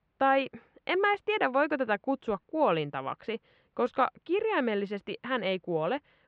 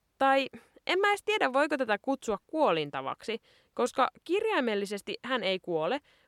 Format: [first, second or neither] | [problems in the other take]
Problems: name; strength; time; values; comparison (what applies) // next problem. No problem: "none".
second | muffled; slightly; fading above 3 kHz